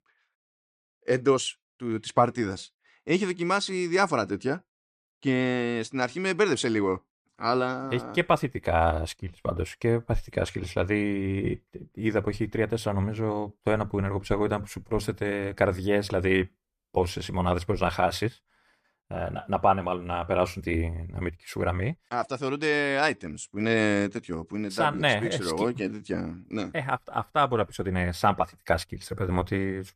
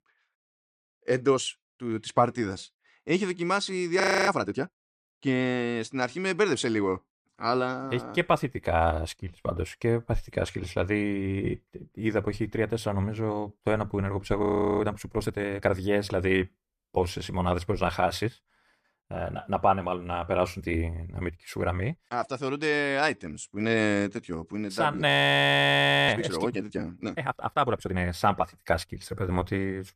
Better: first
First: none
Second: audio freezing; at 4 s, at 14 s and at 25 s for 1 s

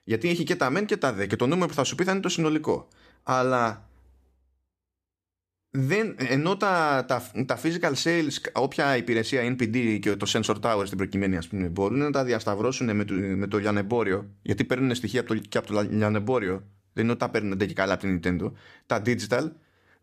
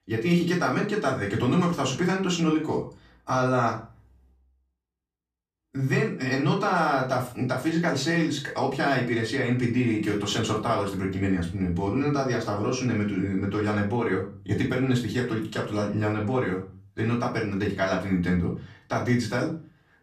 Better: first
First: none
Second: room echo; slight; dies away in 0.3 s // off-mic speech; far

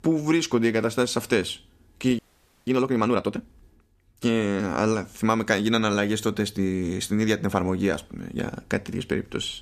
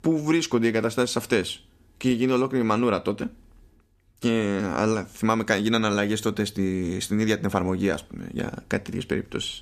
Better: second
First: audio freezing; at 2 s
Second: none

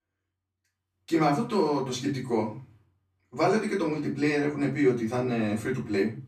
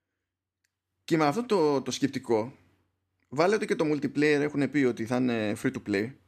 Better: second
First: room echo; slight; dies away in 0.3 s // off-mic speech; far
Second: none

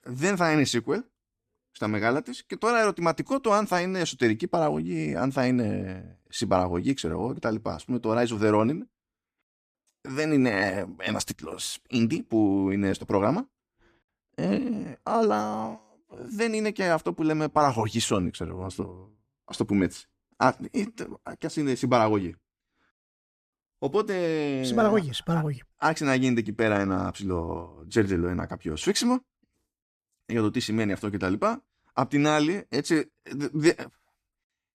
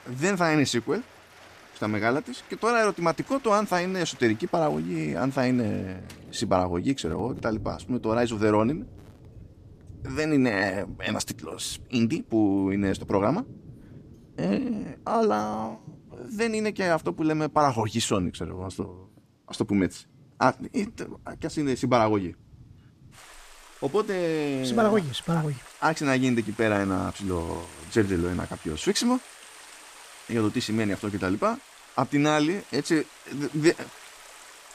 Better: first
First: none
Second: rain or running water; faint; throughout; 20 dB below the speech

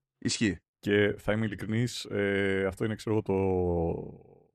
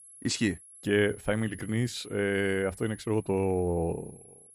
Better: first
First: none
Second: high-pitched whine; noticeable; throughout; 11 kHz, 20 dB below the speech

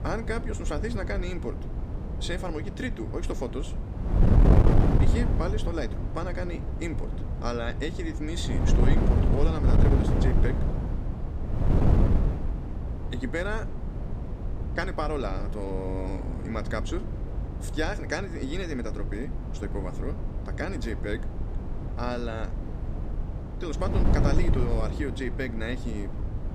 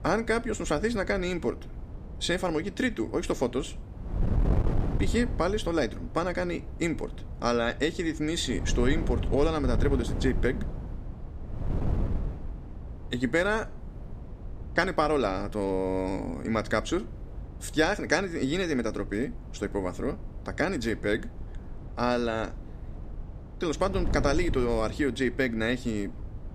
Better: second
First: wind noise on the microphone; heavy; 3 dB below the speech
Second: wind noise on the microphone; occasional gusts; 15 dB below the speech

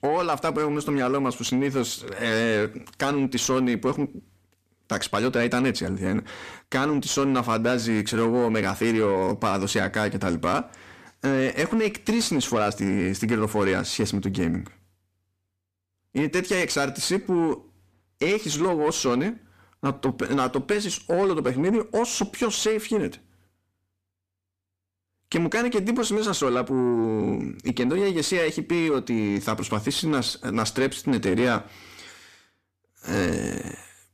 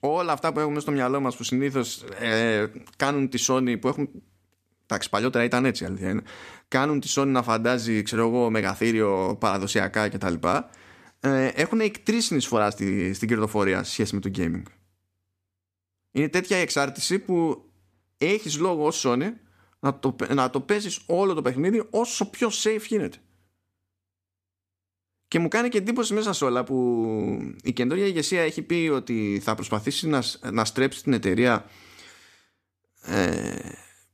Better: second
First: distortion; slight; 10 dB below the speech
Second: none

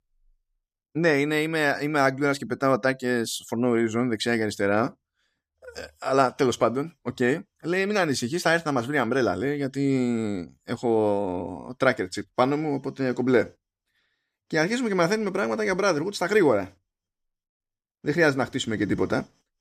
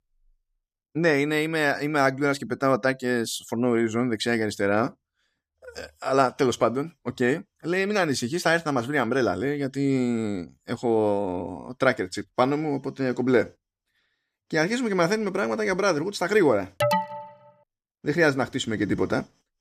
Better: first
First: none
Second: alarm; loud; at 17 s; peak level with the speech

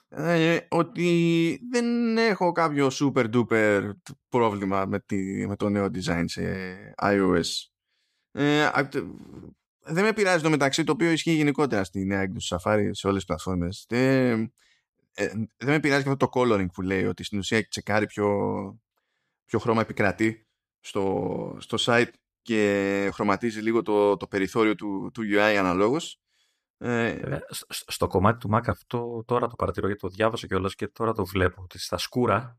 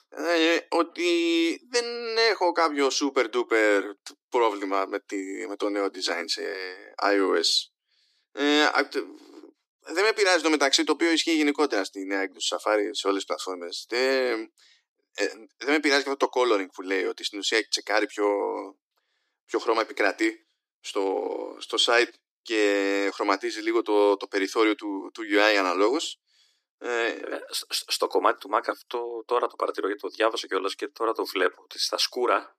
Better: first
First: none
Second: thin; somewhat; fading below 300 Hz

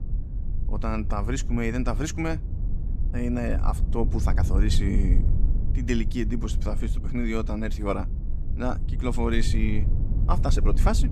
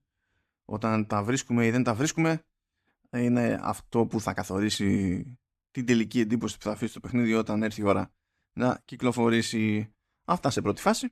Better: second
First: low rumble; noticeable; throughout; 10 dB below the speech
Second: none

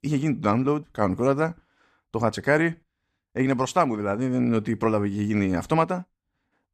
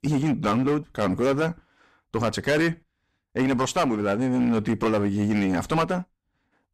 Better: first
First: none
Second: distortion; heavy; 11% of the sound clipped

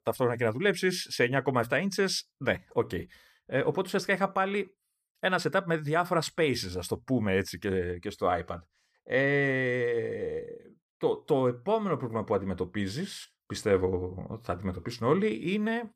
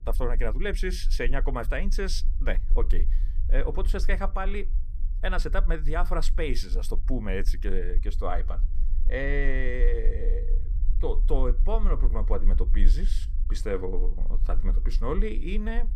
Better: first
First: none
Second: low rumble; faint; throughout; 20 dB below the speech

